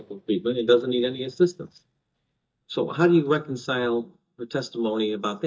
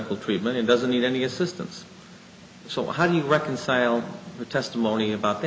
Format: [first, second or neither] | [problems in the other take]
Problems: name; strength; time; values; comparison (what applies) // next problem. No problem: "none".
second | noise reduction (neural mask model DeepFilterNet 3)